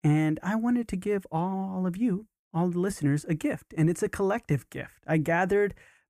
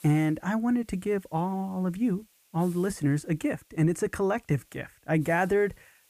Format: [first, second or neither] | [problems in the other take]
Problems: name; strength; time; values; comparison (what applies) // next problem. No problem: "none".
first | hiss; faint; throughout; 30 dB below the speech